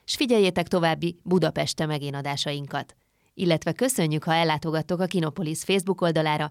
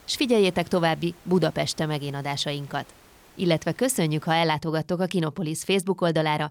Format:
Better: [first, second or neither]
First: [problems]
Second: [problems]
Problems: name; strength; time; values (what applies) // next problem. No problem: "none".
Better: first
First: none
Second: hiss; faint; until 4.5 s; 25 dB below the speech